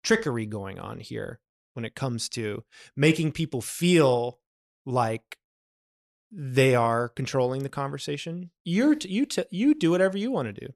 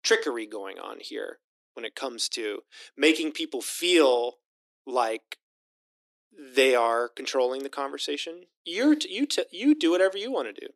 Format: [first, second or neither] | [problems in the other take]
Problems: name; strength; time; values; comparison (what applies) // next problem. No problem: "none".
first | thin; very slightly; fading below 300 Hz